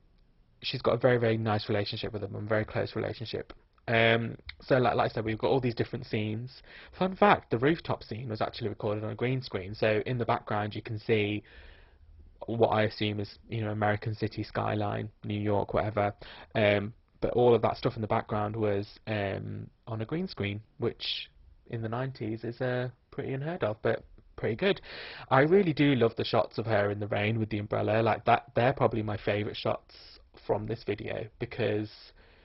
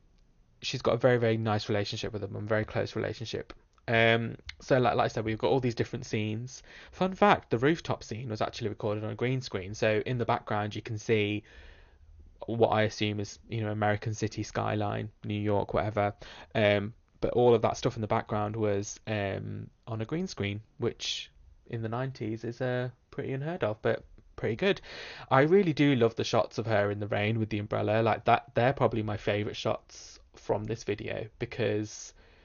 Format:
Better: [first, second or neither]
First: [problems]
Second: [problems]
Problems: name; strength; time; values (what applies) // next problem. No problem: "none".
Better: second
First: garbled, watery; badly; nothing above 5.5 kHz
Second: garbled, watery; slightly; nothing above 6.5 kHz